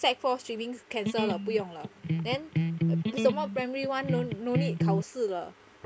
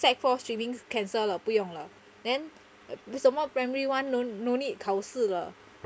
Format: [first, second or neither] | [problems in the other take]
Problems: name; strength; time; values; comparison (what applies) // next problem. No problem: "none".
second | background sound (Electric guitar); 1 dB above the speech